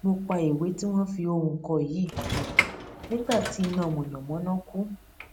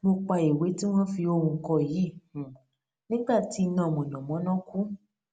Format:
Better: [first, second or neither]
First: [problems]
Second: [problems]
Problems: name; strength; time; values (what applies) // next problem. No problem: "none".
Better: second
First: background sound (Sliding door / Train); 7 dB below the speech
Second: none